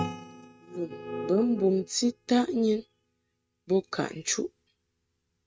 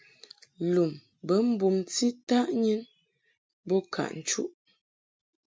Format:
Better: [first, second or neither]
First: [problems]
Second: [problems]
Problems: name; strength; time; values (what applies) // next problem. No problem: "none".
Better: second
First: noise reduction (neural mask model RNNoise)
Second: none